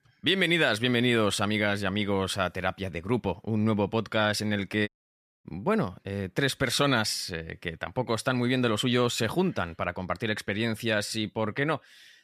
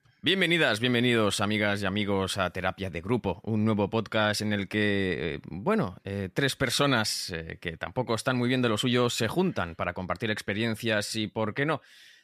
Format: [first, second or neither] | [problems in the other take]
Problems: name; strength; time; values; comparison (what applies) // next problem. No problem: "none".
second | audio cutting out; at 5 s for 0.5 s